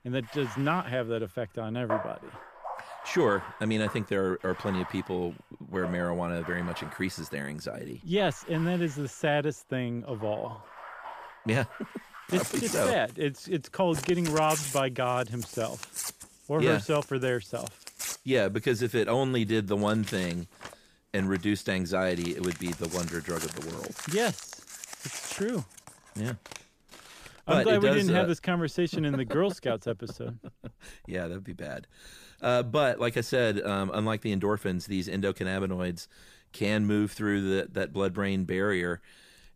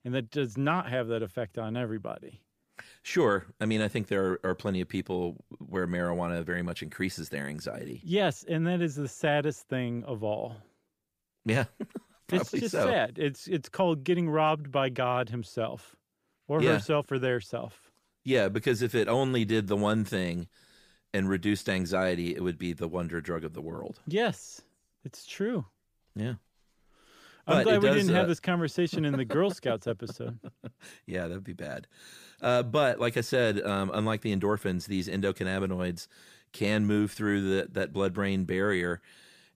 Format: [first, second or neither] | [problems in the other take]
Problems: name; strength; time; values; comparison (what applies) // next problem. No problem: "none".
second | household noises; noticeable; throughout; 10 dB below the speech